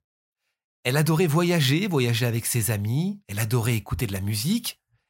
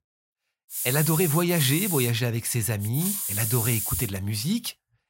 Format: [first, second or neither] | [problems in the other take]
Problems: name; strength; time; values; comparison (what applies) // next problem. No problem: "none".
first | hiss; loud; from 0.5 to 2 s and from 3 to 4 s; 2 dB below the speech